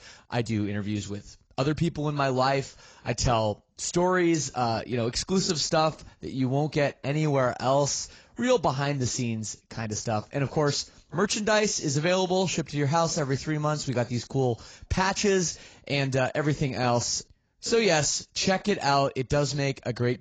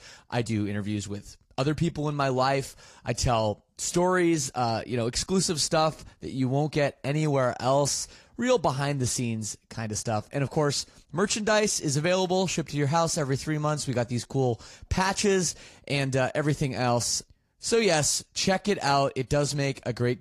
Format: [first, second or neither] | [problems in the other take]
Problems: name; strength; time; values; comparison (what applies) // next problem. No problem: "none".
second | garbled, watery; badly; nothing above 7.5 kHz; slightly in the second